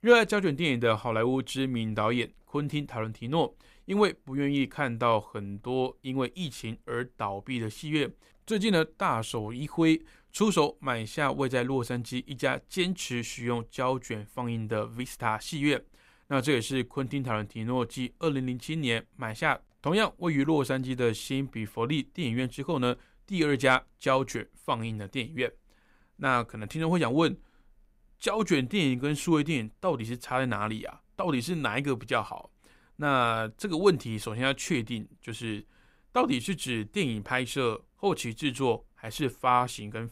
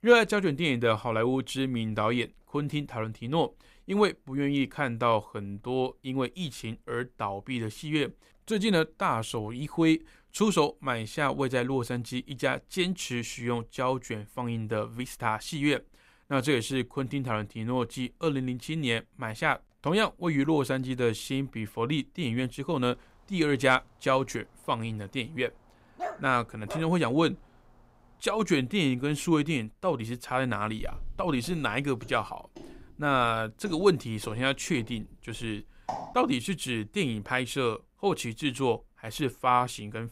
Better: first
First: none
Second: dog barking; noticeable; at 26 s; peak 8 dB below the speech // footsteps; noticeable; from 31 to 36 s; peak 8 dB below the speech

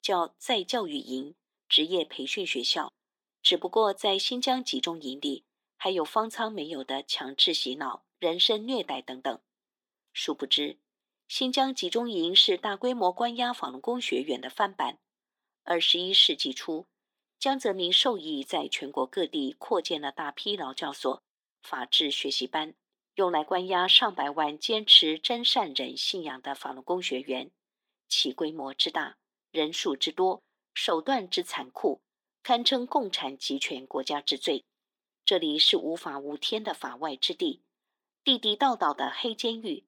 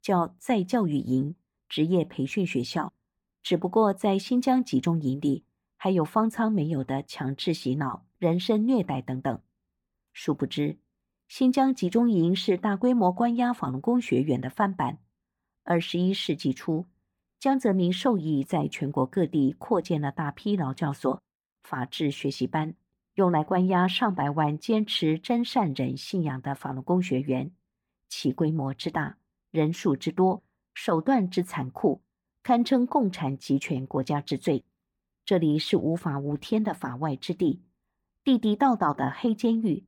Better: second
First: thin; somewhat; fading below 300 Hz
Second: none

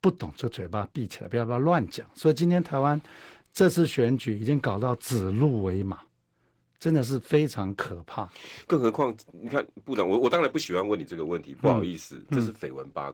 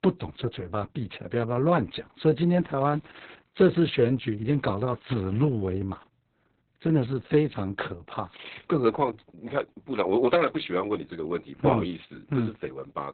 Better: first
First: garbled, watery; slightly; nothing above 18 kHz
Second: garbled, watery; badly; nothing above 4 kHz

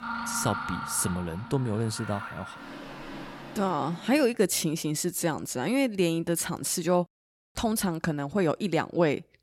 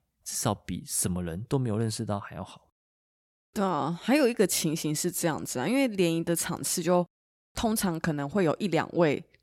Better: second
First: machinery noise; noticeable; until 4 s; 10 dB below the speech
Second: none

